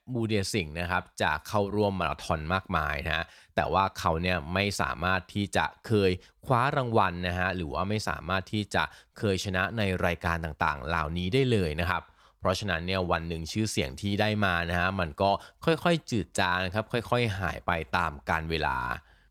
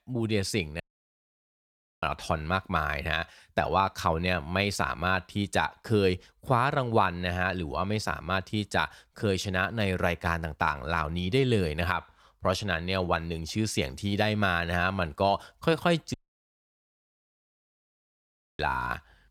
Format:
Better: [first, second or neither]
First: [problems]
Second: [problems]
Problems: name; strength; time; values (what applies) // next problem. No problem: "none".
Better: first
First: none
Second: audio cutting out; at 1 s for 1 s and at 16 s for 2.5 s